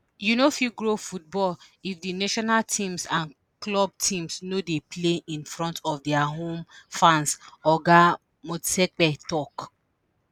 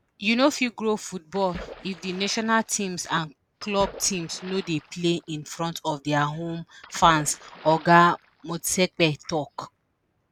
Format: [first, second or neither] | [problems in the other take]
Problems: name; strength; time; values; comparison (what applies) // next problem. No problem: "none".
first | background sound (Splash, splatter); 18 dB below the speech